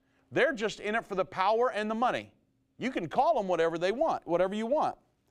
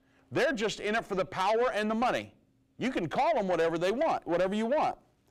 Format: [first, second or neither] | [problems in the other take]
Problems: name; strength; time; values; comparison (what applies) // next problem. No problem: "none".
first | distortion; slight; 10 dB below the speech